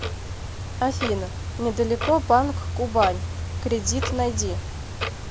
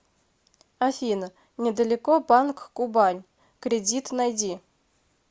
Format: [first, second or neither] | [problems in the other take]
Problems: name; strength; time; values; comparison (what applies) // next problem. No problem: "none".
second | background sound (Clock); 3 dB below the speech